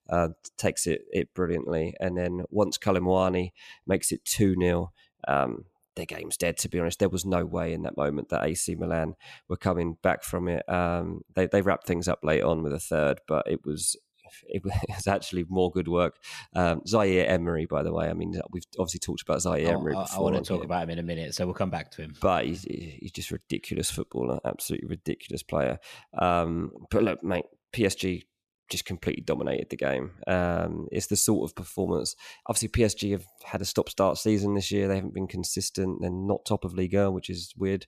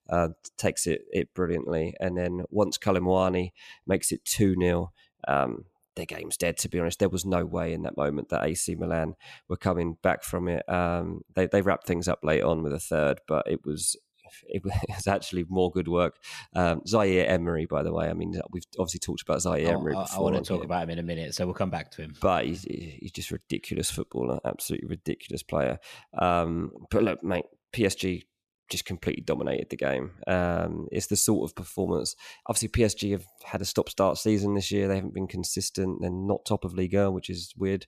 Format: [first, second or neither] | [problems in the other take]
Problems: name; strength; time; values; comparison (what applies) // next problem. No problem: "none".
neither | none